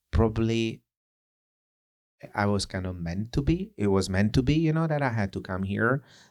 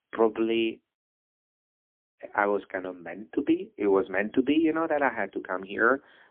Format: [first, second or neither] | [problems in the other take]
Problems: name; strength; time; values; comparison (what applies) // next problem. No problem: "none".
first | phone-call audio; poor line; nothing above 3 kHz